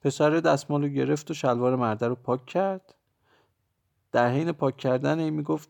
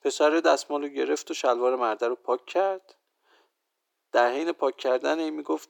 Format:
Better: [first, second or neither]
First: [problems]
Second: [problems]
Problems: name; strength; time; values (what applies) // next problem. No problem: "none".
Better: first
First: none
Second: thin; somewhat; fading below 350 Hz